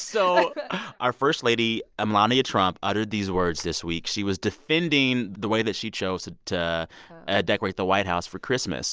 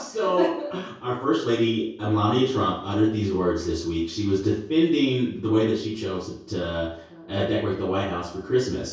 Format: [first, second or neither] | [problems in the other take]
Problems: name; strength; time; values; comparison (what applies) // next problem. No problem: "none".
first | room echo; dies away in 0.6 s